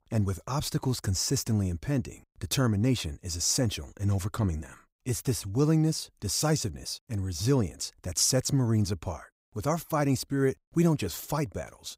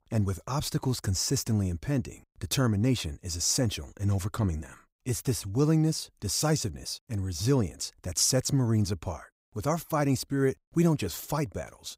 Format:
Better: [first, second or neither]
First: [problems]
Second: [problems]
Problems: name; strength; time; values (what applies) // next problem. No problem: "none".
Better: neither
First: none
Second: none